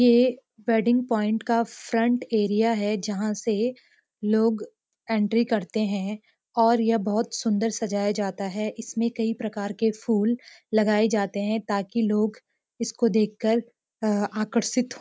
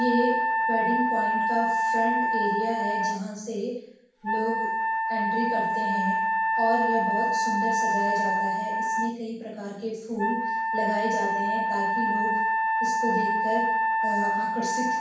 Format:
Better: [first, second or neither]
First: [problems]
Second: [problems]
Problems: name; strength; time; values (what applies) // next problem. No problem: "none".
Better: first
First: none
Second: background sound (Wind instrument, woodwind instrument); 5 dB above the speech // room echo; dies away in 0.7 s